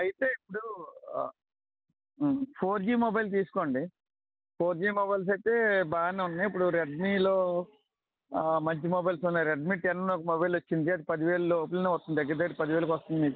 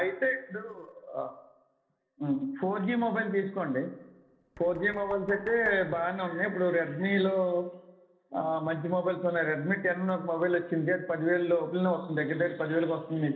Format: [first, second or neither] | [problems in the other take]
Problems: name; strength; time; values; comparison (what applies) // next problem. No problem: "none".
first | noise reduction (neural separator model SepFormer DNS4)